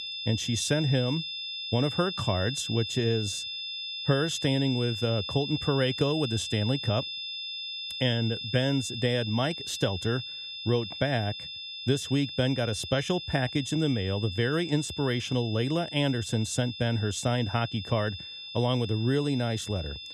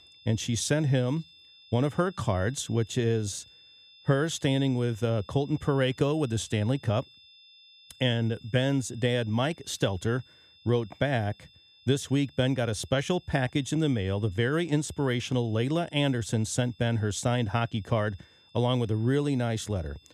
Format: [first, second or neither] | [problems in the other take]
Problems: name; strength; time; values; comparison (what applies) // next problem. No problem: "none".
second | high-pitched whine; loud; throughout; 3.5 kHz, 6 dB below the speech; faint in the second